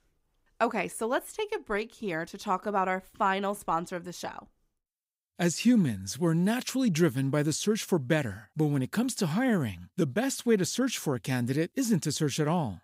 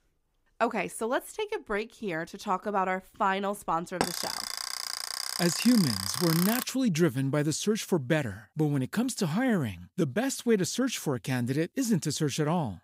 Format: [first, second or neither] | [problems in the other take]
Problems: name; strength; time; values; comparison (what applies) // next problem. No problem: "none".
first | alarm; noticeable; from 4 to 6.5 s; peak 1 dB below the speech